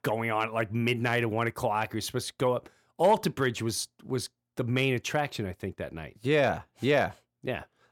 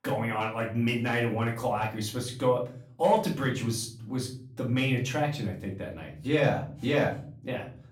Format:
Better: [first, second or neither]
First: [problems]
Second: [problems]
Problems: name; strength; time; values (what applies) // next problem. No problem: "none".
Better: first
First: none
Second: room echo; slight; dies away in 0.5 s // off-mic speech; far